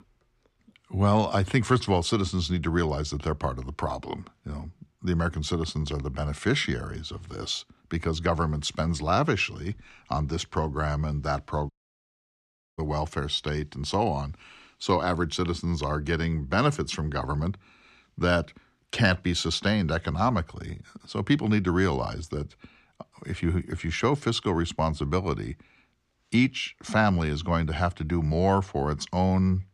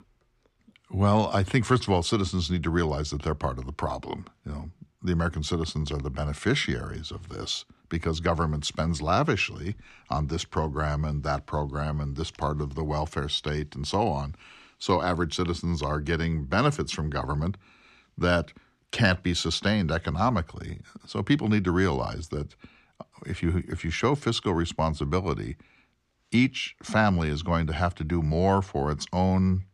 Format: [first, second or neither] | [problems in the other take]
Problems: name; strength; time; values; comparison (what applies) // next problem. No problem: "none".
second | audio cutting out; at 12 s for 1 s